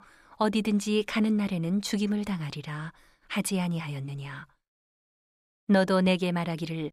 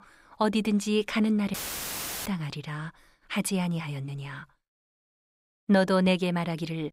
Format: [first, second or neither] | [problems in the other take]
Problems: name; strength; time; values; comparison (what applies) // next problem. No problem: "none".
first | audio cutting out; filled with static; at 1.5 s for 0.5 s